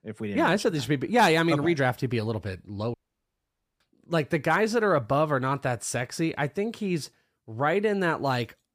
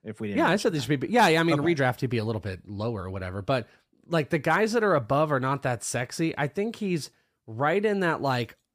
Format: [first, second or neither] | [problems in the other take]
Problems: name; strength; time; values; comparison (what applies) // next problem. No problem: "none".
second | audio cutting out; at 3 s for 1 s